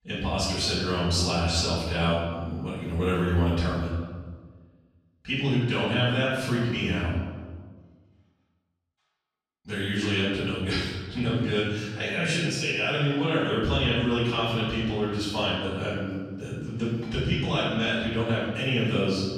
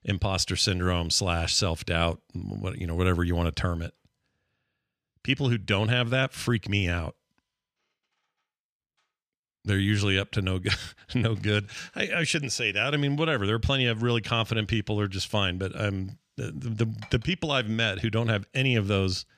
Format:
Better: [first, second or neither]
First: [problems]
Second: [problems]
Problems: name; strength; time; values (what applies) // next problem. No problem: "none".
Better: second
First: room echo; strong; dies away in 1.3 s // off-mic speech; far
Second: none